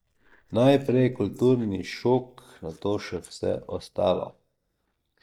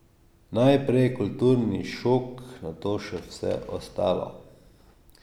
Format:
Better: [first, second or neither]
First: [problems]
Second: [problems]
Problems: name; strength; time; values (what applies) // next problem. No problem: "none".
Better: second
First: noise reduction (neural mask model DeepFilterNet 3)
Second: none